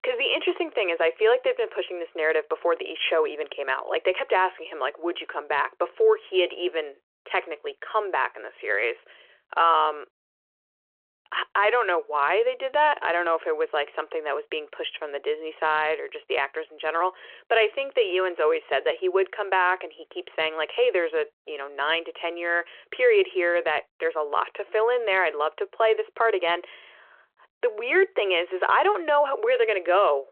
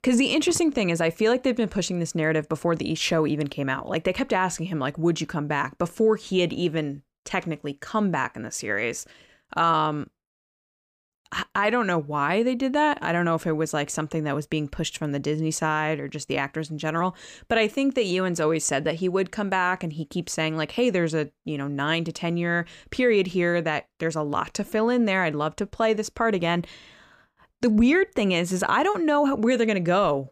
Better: second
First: phone-call audio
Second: none

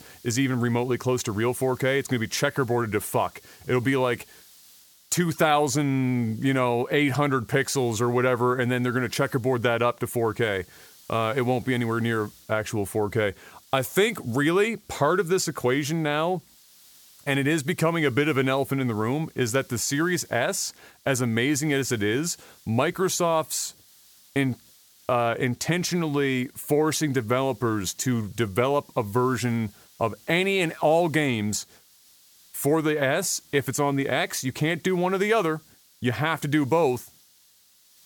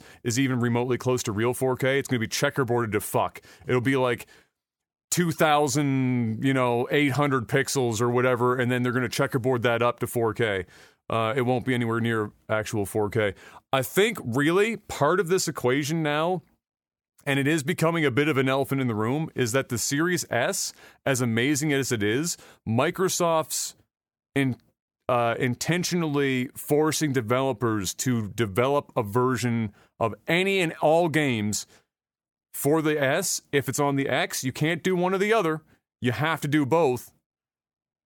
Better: second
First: hiss; faint; throughout; 25 dB below the speech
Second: none

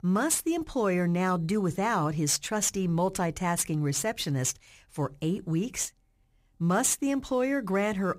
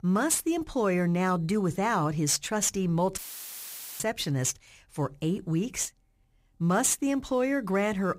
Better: first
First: none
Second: audio cutting out; filled with static; at 3 s for 1 s

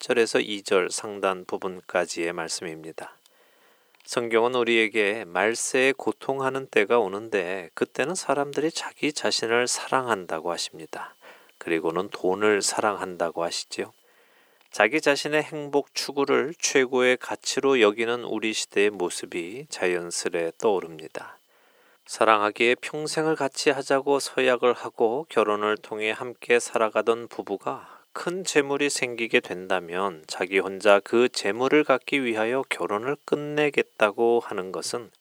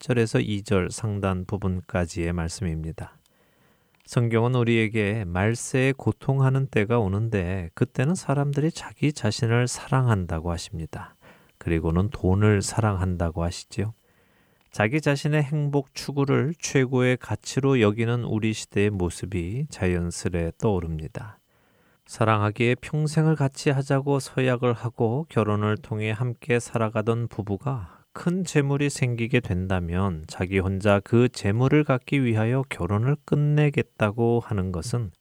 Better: second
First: thin; very; fading below 350 Hz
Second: none

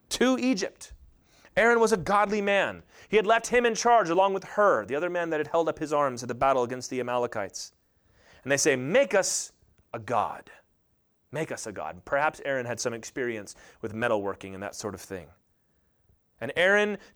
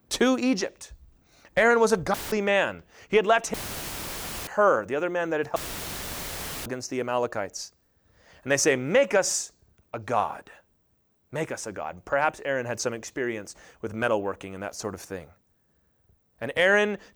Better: first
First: none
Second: audio cutting out; filled with static; at 2 s, at 3.5 s for 1 s and at 5.5 s for 1 s

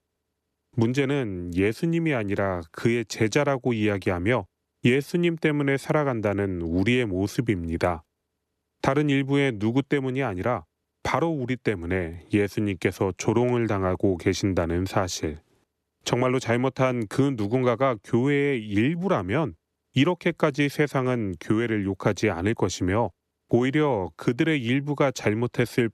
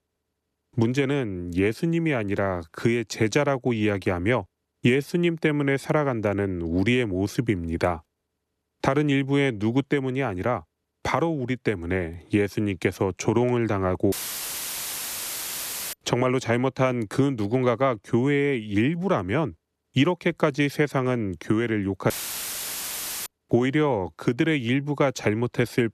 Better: first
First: none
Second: audio cutting out; filled with static; at 14 s for 2 s and at 22 s for 1 s

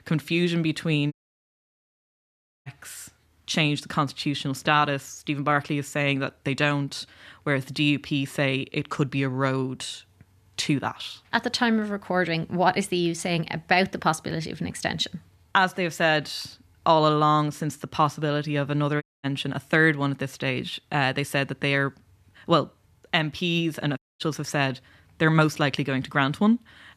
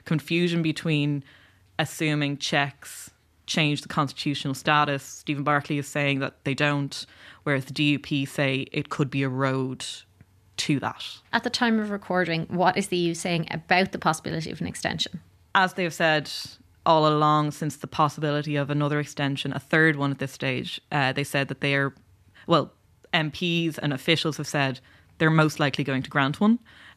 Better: second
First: audio cutting out; at 1 s for 1.5 s, at 19 s and at 24 s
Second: none

